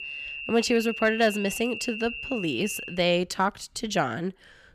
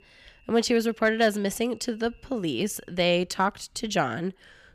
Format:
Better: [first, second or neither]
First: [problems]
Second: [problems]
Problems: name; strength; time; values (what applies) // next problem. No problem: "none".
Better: second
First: high-pitched whine; loud; until 3 s; 3 kHz, 7 dB below the speech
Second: high-pitched whine; faint; until 3 s; 3 kHz, 35 dB below the speech